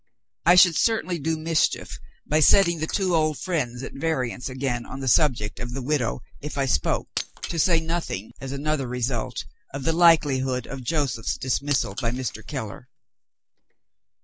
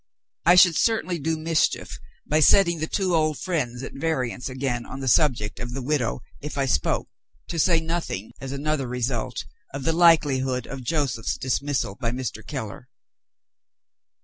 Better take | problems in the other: second | noise reduction (neural mask model Resemble Enhance denoiser)

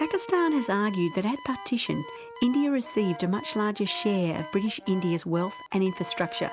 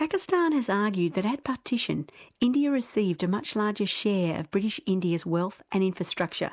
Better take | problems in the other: second | background sound (Brass instrument + Alarm); 14 dB below the speech

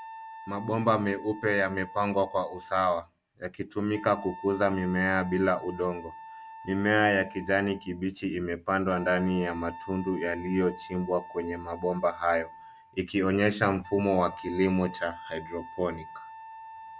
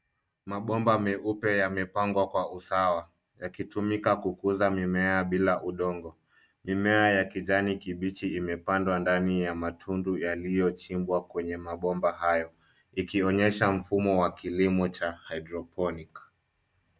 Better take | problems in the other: second | background sound (Wind instrument, woodwind instrument); 16 dB below the speech

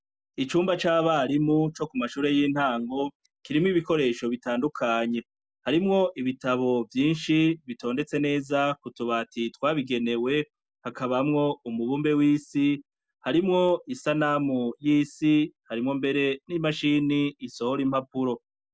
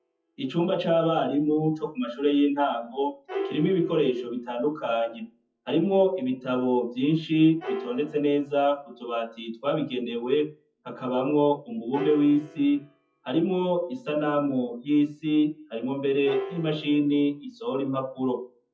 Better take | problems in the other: first | noise reduction (classical method WPE with log-MMSE)

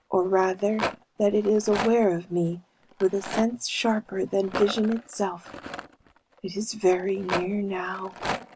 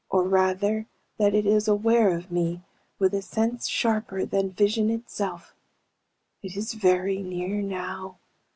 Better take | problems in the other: second | background sound (Rattle); 11 dB below the speech

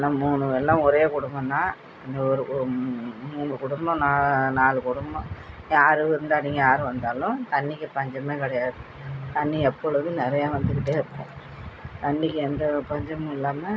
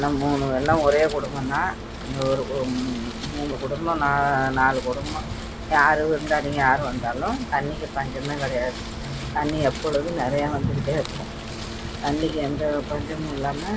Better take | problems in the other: first | background sound (Wind); 9 dB below the speech

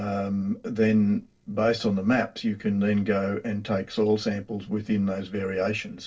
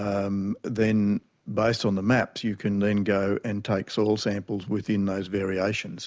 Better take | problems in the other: second | noise reduction (neural separator model SepFormer DNS4)

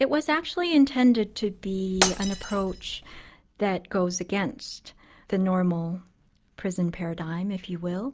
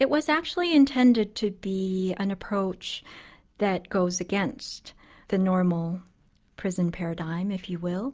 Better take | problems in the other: second | background sound (Shatter); 6 dB below the speech

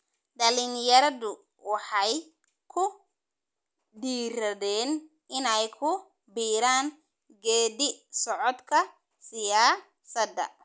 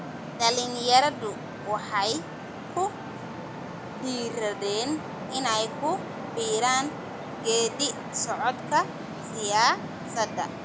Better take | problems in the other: first | background sound (Traffic noise, roadway noise); 8 dB below the speech

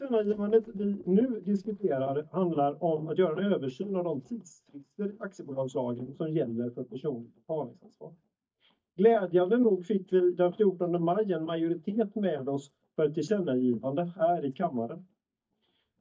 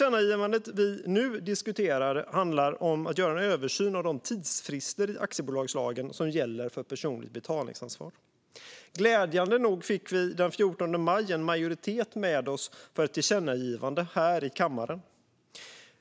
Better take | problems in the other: second | noise reduction (neural mask model DeepFilterNet 3)

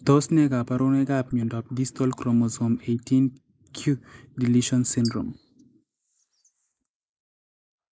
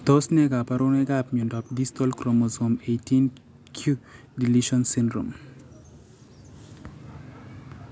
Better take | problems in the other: second | noise reduction (neural mask model Resemble Enhance denoiser)

